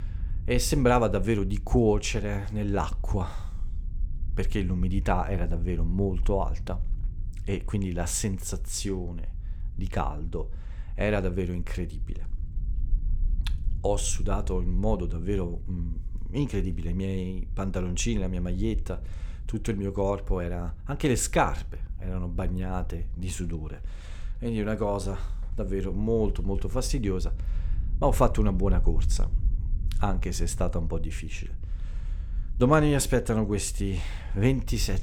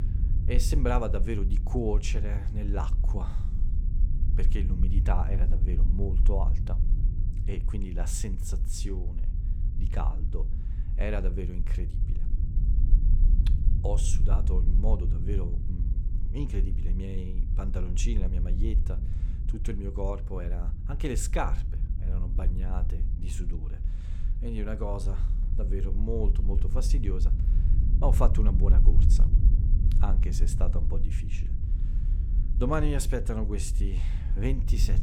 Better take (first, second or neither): first